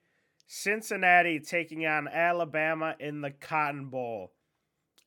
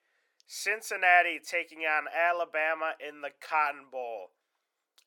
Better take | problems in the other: first | thin; very; fading below 500 Hz

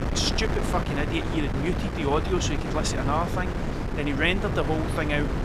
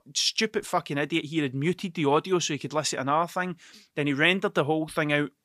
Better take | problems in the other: second | wind noise on the microphone; heavy; 5 dB below the speech

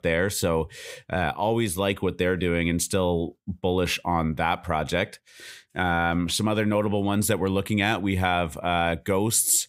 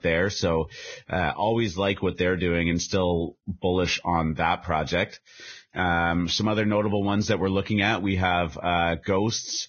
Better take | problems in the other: first | garbled, watery; badly; nothing above 6.5 kHz

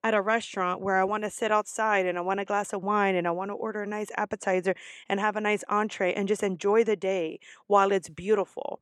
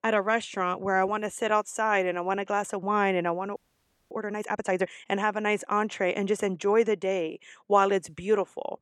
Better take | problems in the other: first | audio freezing; at 3.5 s for 0.5 s

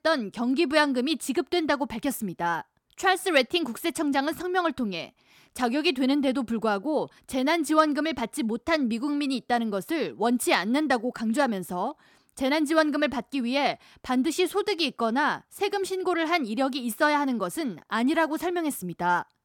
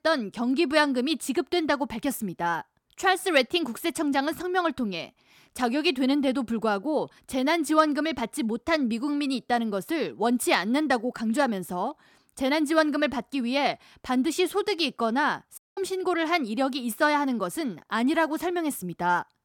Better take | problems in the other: first | audio cutting out; at 16 s

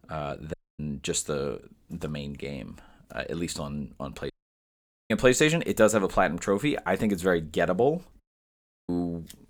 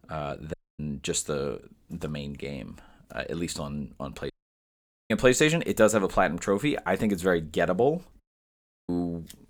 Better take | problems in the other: neither | audio cutting out; at 0.5 s, at 4.5 s for 1 s and at 8 s for 0.5 s; the same in both

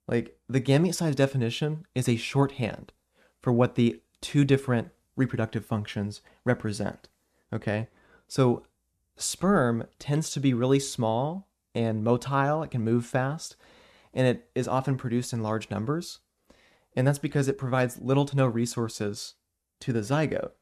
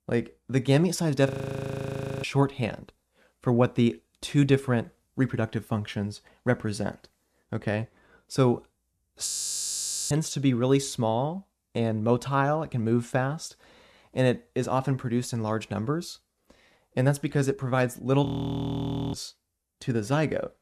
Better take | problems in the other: first | audio freezing; at 1.5 s for 1 s, at 9.5 s for 1 s and at 18 s for 1 s

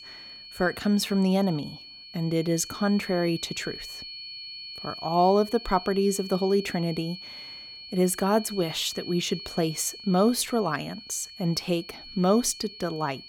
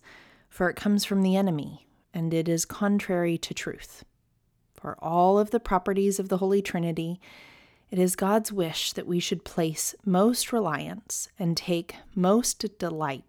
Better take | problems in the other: second | high-pitched whine; noticeable; throughout; 4.5 kHz, 15 dB below the speech

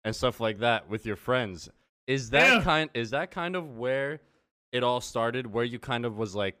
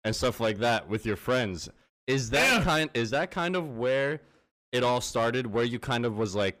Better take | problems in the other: first | distortion; heavy; 8 dB below the speech

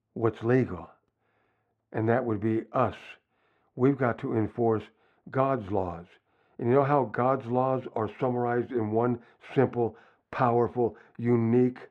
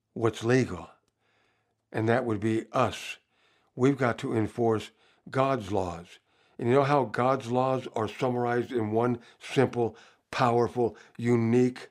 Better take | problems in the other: second | muffled; very; fading above 3 kHz

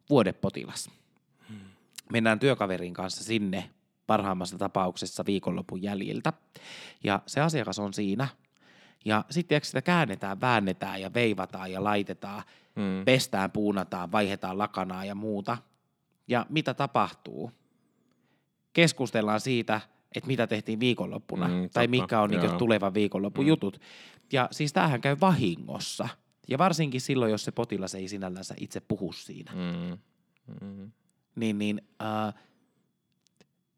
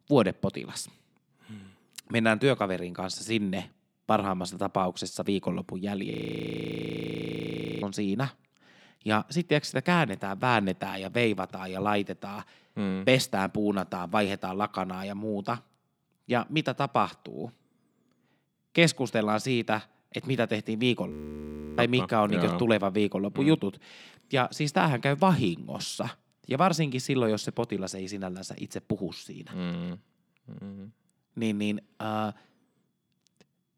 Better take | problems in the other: first | audio freezing; at 6 s for 1.5 s and at 21 s for 0.5 s

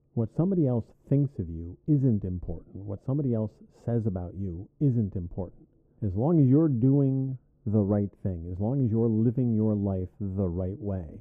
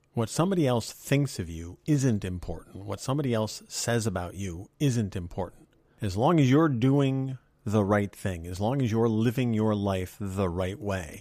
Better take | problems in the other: second | muffled; very; fading above 1.5 kHz

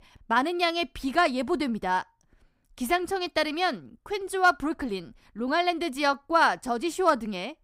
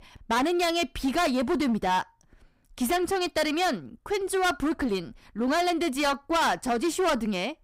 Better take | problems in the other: first | distortion; heavy; 15% of the sound clipped

